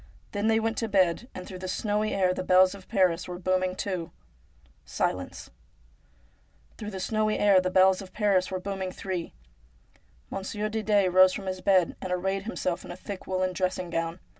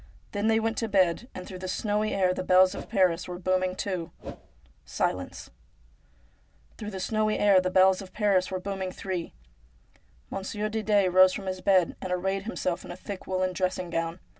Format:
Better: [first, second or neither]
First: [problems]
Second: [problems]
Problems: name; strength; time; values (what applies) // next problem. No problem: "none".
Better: first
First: none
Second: background sound (Whoosh, swoosh, swish); 12 dB below the speech